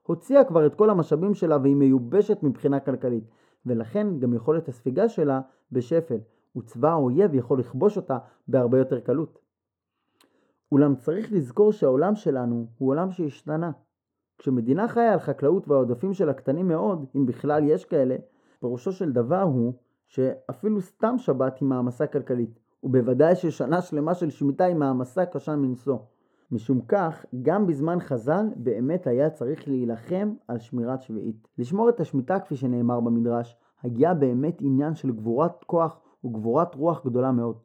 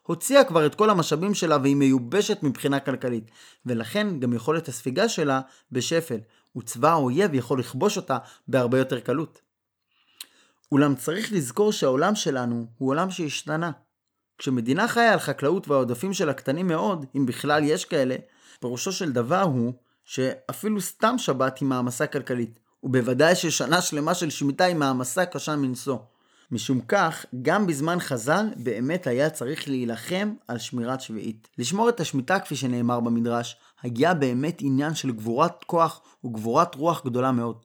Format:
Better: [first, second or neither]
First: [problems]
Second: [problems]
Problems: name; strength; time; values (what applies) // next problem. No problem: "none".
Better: second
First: muffled; very; fading above 1.5 kHz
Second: none